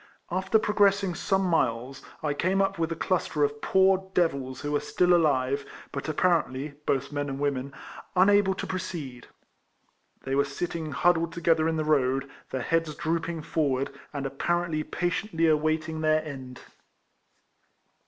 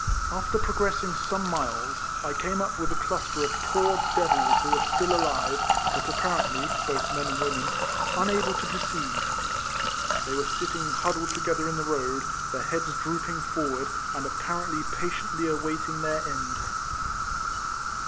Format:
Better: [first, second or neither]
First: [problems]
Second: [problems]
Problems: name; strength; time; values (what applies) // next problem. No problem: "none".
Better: first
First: none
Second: background sound (Insect + Fill (with liquid)); 4 dB above the speech